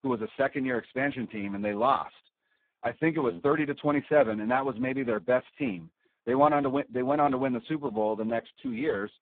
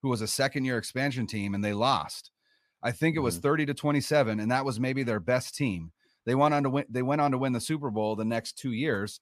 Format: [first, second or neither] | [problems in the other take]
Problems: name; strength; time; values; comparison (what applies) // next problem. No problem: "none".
second | phone-call audio; poor line; nothing above 3.5 kHz